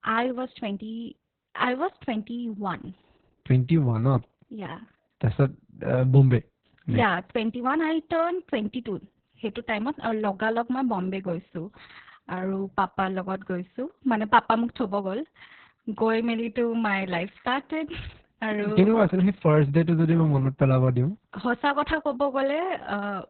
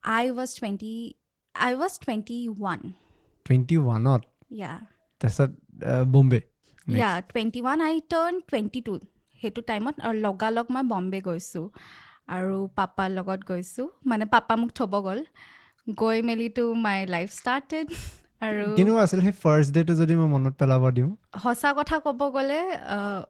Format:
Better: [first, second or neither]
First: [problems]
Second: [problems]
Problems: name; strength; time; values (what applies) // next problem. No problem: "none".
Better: second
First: garbled, watery; badly; nothing above 4 kHz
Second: garbled, watery; slightly